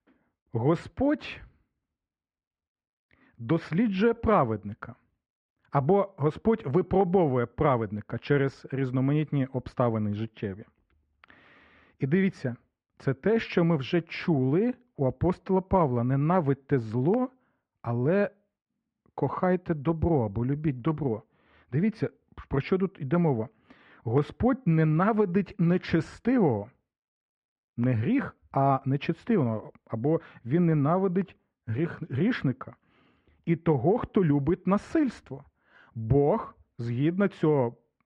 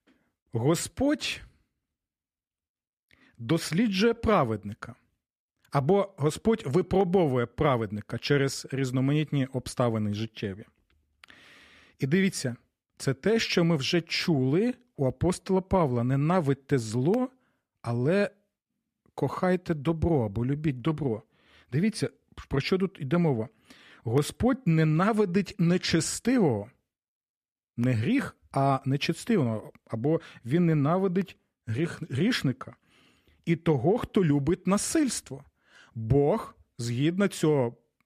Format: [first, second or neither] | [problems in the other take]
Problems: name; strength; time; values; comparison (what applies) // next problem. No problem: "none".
second | muffled; very; fading above 2 kHz